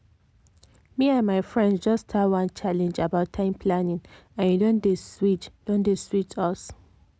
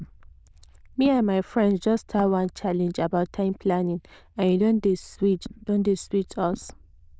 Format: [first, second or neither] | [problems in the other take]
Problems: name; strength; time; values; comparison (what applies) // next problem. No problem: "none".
first | noise reduction (neural diffusion model UNIVERSE++)